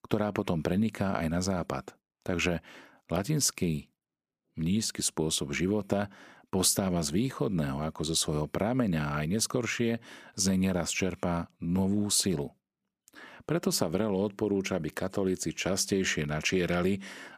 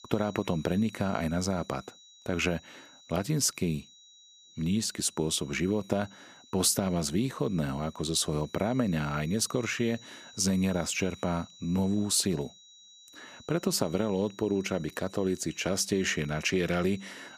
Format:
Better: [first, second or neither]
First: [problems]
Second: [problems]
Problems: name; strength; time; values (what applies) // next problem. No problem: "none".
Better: first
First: none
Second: high-pitched whine; faint; throughout; 4 kHz, 20 dB below the speech